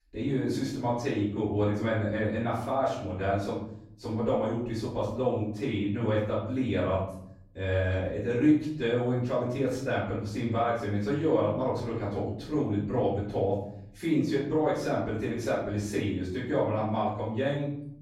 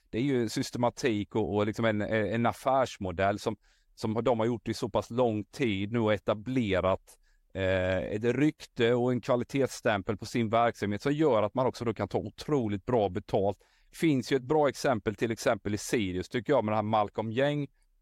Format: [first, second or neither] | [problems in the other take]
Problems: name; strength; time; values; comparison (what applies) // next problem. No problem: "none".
second | room echo; noticeable; dies away in 0.8 s // off-mic speech; far